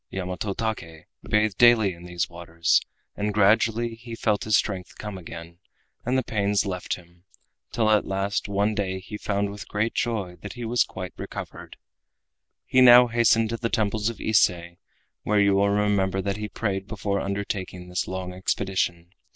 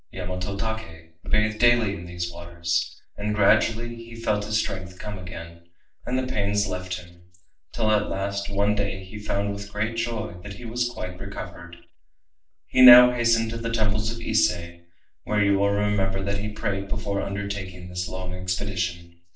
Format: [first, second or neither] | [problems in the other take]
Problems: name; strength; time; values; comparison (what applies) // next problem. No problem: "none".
first | room echo; dies away in 0.4 s